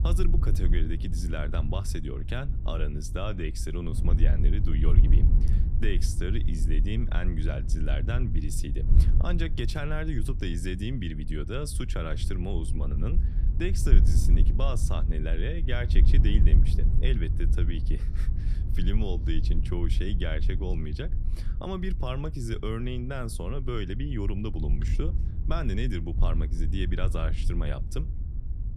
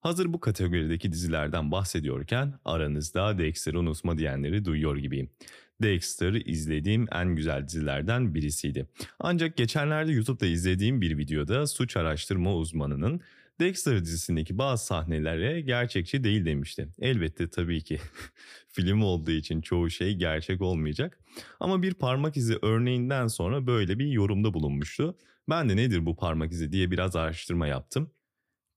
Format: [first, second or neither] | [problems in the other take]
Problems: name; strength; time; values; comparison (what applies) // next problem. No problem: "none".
second | wind noise on the microphone; heavy; 9 dB below the speech